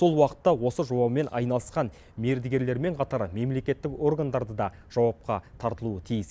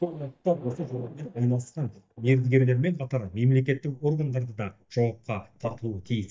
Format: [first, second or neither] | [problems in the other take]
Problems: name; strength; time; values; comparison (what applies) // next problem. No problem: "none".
first | noise reduction (neural mask model DeepFilterNet 3)